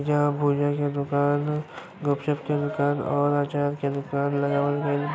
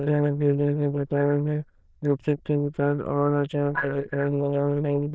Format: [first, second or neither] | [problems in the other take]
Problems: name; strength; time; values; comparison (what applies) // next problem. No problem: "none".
first | noise reduction (neural diffusion model UNIVERSE++)